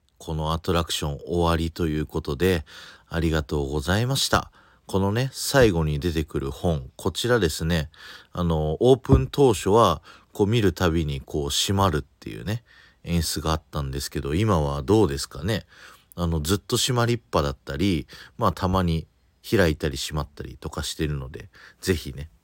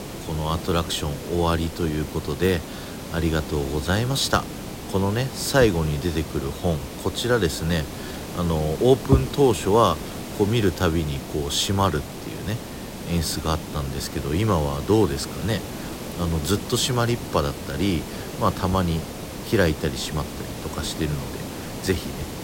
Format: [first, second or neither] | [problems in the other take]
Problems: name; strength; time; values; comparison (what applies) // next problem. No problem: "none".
first | hiss; loud; throughout; 10 dB below the speech